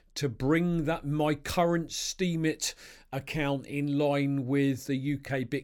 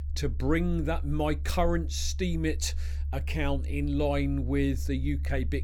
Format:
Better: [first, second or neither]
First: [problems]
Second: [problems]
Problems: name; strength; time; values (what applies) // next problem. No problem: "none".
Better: first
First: none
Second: low rumble; faint; throughout; 20 dB below the speech